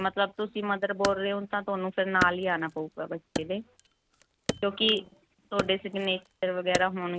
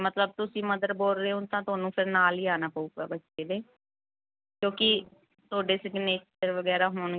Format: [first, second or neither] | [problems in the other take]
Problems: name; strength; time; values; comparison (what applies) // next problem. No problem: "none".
second | background sound (Wood); 9 dB below the speech